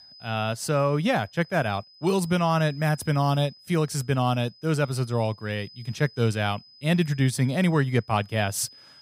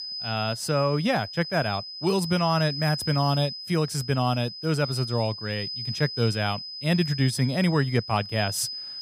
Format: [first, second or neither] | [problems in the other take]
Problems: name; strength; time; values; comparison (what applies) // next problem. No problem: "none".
first | high-pitched whine; loud; throughout; 5 kHz, 7 dB below the speech; faint in the first